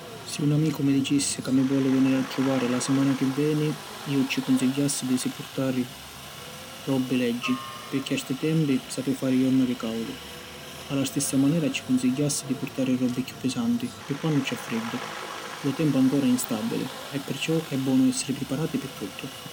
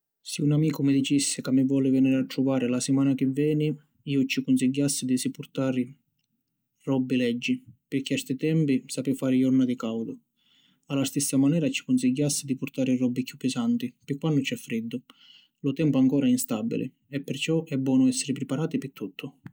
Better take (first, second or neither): second